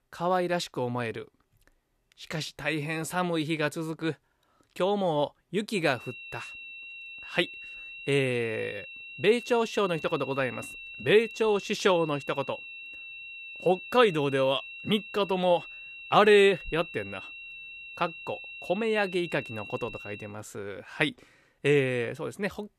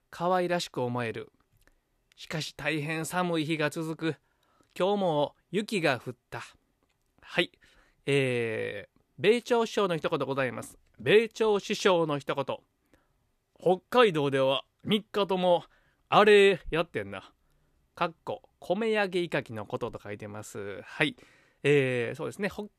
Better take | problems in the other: second | high-pitched whine; noticeable; from 6 to 20 s; 2.5 kHz, 15 dB below the speech

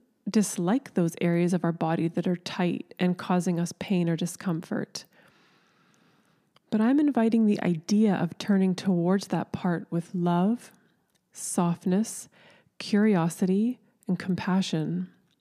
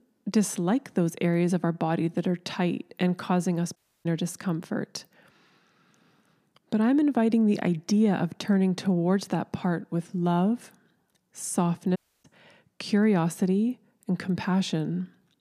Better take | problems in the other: first | audio cutting out; at 4 s and at 12 s

